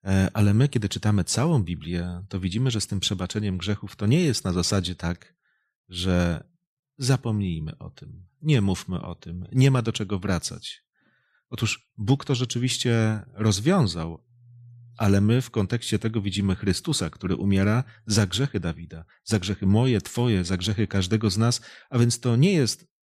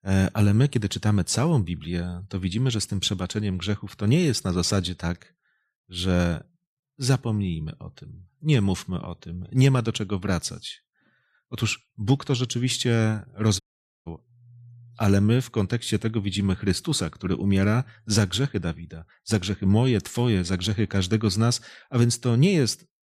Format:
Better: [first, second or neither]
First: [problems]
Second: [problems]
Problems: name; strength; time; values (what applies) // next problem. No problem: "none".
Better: first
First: none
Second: audio cutting out; at 14 s